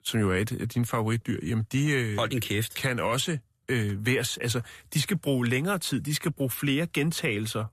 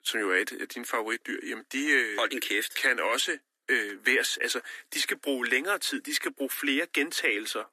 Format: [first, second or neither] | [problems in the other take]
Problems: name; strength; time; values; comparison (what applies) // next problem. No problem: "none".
first | thin; somewhat; fading below 300 Hz